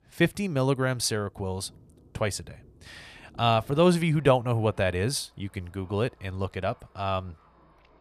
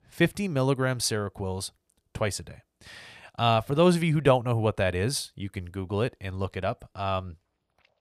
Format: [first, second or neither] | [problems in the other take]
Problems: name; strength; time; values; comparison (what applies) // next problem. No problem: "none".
second | rain or running water; faint; throughout; 30 dB below the speech